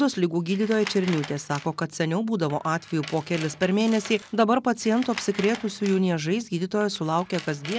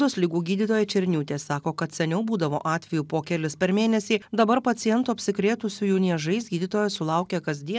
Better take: second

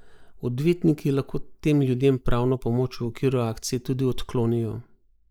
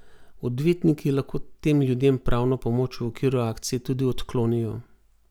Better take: second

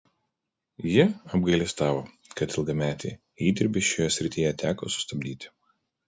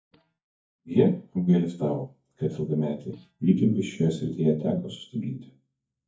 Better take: first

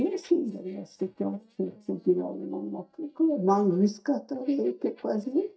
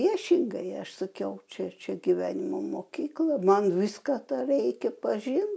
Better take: second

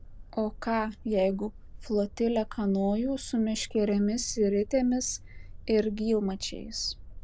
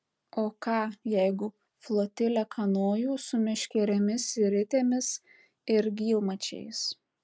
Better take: second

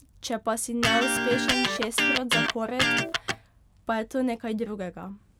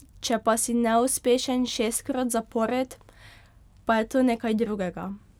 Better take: second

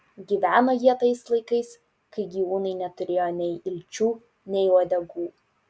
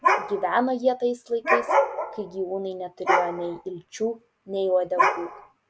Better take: first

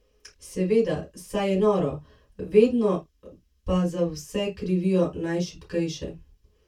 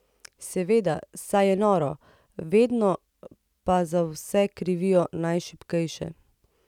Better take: second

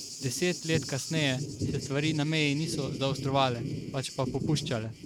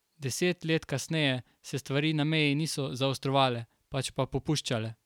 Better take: second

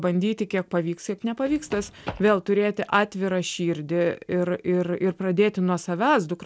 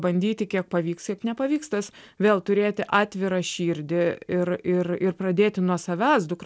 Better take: second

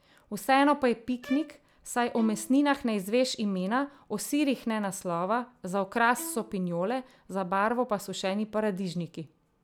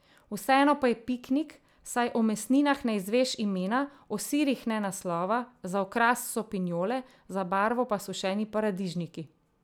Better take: second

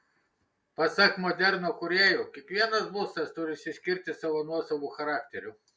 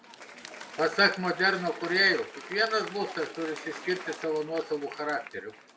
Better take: first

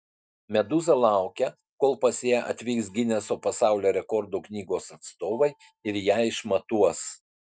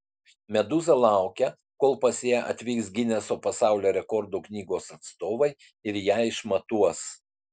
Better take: second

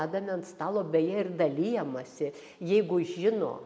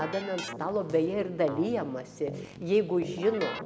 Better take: first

